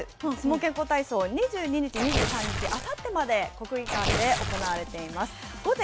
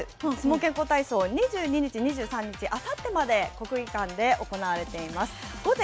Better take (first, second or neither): second